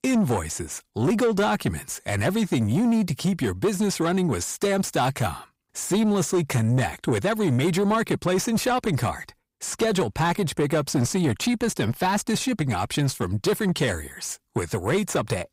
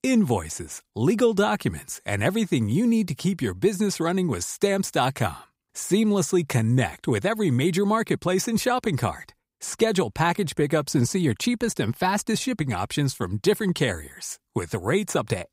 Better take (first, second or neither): second